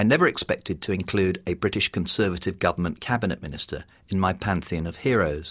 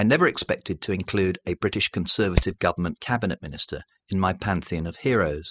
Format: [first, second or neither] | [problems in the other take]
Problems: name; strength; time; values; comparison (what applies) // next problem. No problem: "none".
first | noise reduction (classical method spectral subtraction)